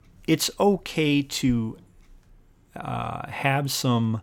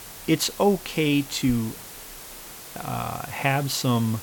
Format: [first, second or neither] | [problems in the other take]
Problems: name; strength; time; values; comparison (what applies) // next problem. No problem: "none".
first | hiss; noticeable; throughout; 15 dB below the speech